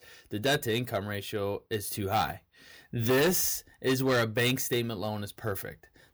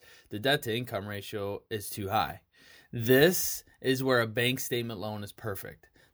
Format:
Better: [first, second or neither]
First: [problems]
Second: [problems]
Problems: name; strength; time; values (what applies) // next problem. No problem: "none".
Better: second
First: distortion; heavy; 5% of the sound clipped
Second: none